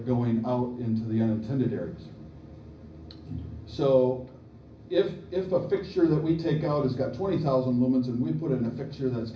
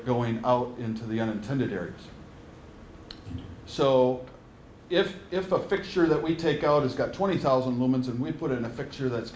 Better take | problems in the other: second | room echo; dies away in 0.4 s

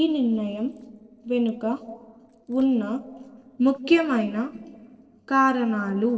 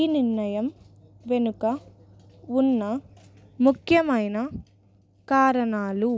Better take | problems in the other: second | noise reduction (neural separator model SepFormer DNS4)

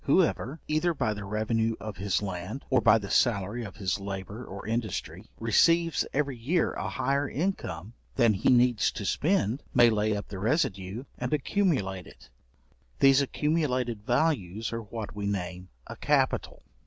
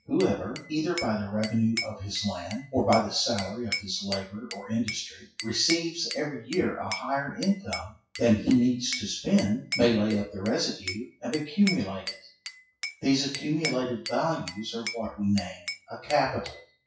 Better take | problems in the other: first | noise reduction (classical method WPE with log-MMSE)

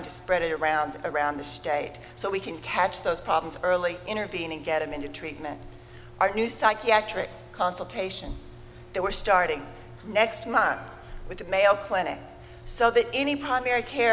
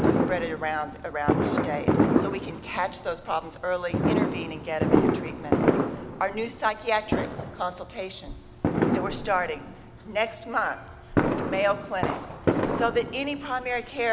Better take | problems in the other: first | background sound (Fireworks); 3 dB above the speech

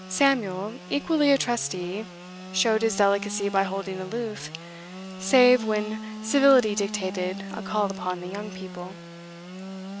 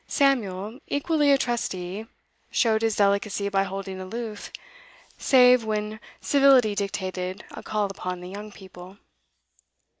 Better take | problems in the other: second | background sound (Sawing / Engine); 12 dB below the speech

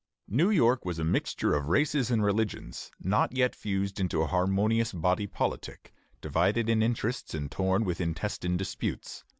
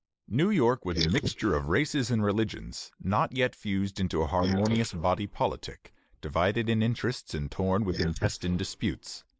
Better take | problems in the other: first | noise reduction (neural mask model Resemble Enhance denoiser)

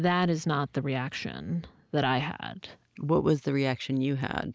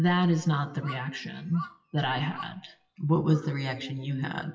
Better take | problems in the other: first | noise reduction (classical method WPE with log-MMSE)

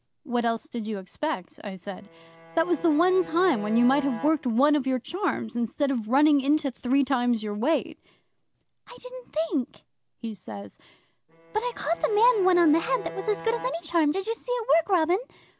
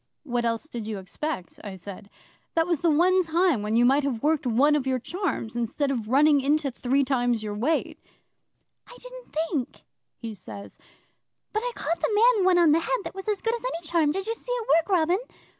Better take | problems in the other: second | background sound (Bowed string instrument); 16 dB below the speech

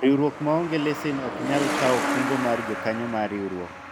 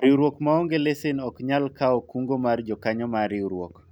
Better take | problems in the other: second | background sound (Truck); 4 dB below the speech

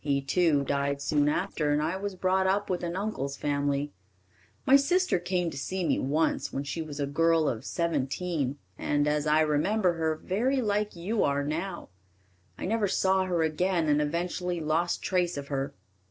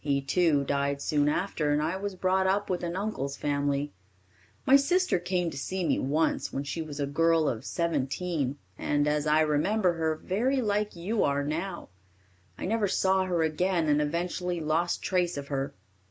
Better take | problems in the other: second | noise reduction (neural separator model SepFormer DNS4)

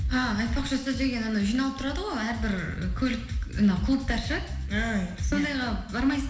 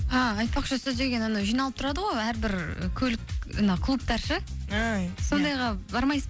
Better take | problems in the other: second | room echo; dies away in 0.9 s

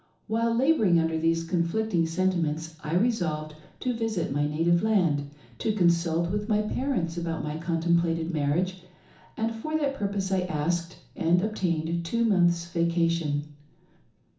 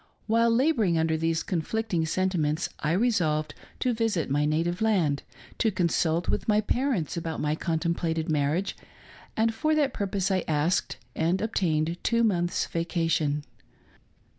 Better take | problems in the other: second | room echo; dies away in 0.7 s

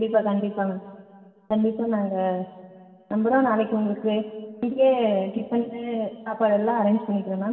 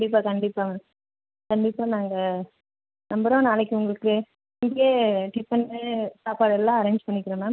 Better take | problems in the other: second | room echo; dies away in 2.3 s

